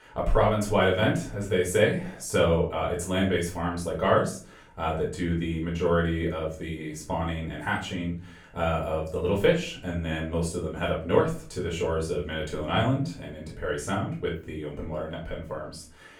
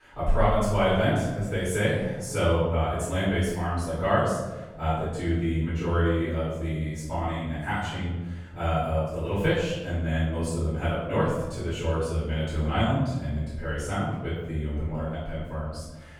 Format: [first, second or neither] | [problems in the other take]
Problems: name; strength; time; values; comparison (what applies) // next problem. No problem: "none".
first | room echo; strong; dies away in 1.1 s; slight in the first // off-mic speech; far; far in the first